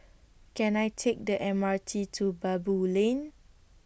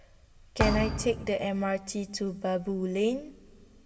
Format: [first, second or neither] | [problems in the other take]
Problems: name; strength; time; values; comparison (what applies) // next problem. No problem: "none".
first | background sound (Thump, thud); 3 dB below the speech // room echo; dies away in 0.8 s